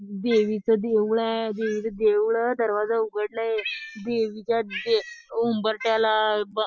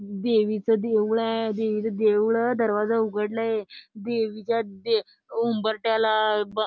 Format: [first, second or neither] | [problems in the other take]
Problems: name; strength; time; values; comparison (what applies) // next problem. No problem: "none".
second | noise reduction (classical method spectral subtraction)